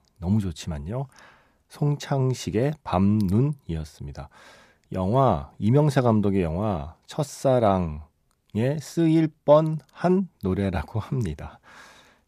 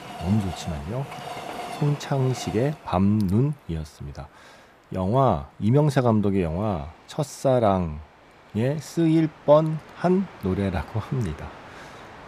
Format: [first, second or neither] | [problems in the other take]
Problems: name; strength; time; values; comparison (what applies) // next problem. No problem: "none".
first | train or aircraft noise; noticeable; throughout; 15 dB below the speech